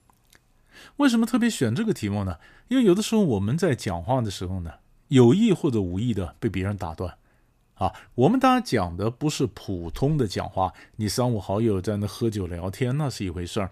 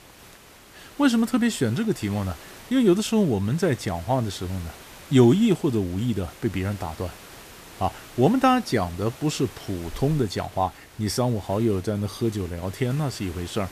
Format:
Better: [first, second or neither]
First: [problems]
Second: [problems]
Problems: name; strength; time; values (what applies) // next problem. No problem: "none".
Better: first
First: none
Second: hiss; noticeable; throughout; 20 dB below the speech